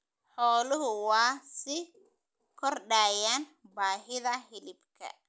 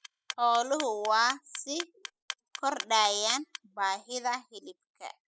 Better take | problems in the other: first | noise reduction (classical method spectral subtraction)

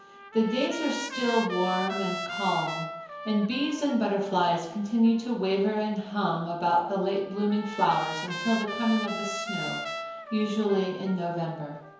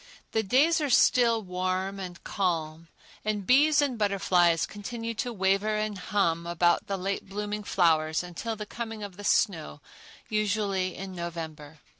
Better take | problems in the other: second | background sound (Trumpet); 10 dB below the speech // room echo; dies away in 0.9 s

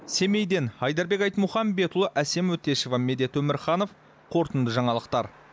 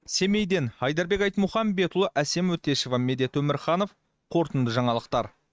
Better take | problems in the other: first | noise reduction (neural mask model RNNoise)

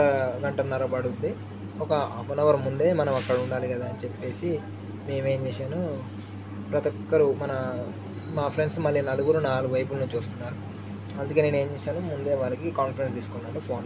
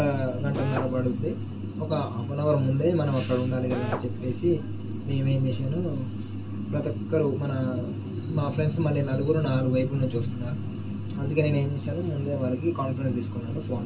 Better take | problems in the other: first | background sound (Drill); 9 dB below the speech // room echo; dies away in 0.2 s

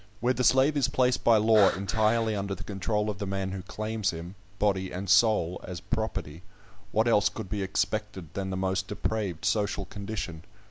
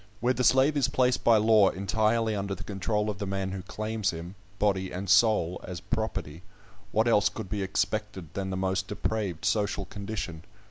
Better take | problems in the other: second | background sound (Breathing); 10 dB below the speech

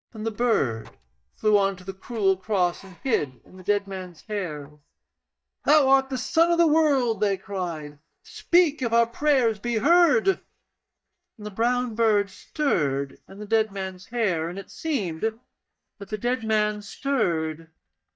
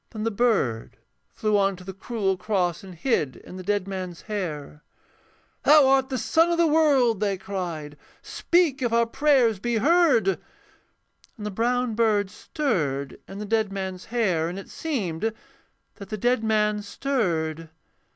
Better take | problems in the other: second | noise reduction (neural mask model DeepFilterNet 3)

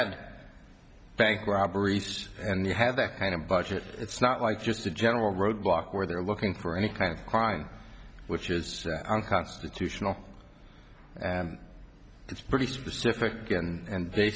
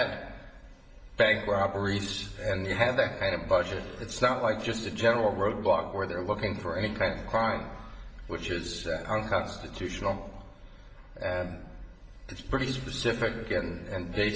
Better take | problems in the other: first | room echo; dies away in 1.1 s

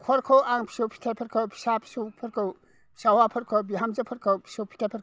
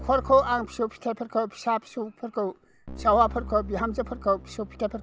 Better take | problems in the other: first | background sound (Keyboard (musical)); 15 dB below the speech

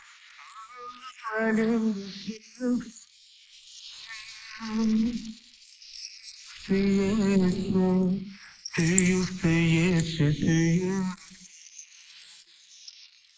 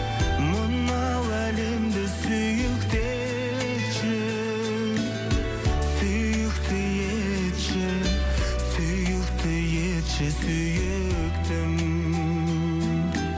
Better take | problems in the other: second | noise reduction (neural mask model Resemble Enhance denoiser)

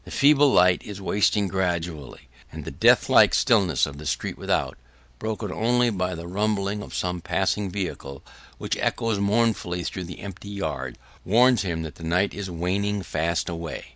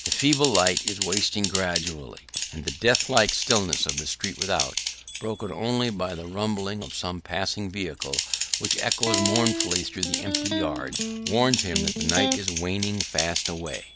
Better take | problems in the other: first | background sound (Typing + Electric guitar); 2 dB below the speech

